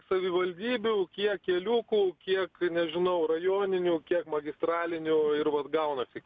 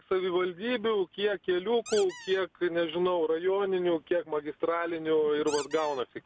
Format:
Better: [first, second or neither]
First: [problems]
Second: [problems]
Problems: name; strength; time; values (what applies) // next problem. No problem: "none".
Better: first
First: none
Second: background sound (Squeak); 14 dB below the speech